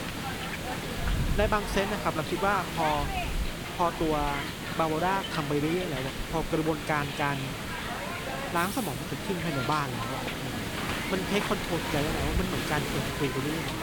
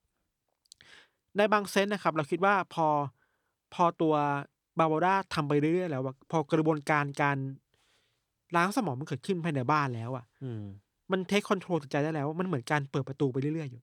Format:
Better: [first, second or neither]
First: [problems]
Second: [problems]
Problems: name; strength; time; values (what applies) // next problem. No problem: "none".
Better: second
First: hiss; loud; throughout; 2 dB below the speech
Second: none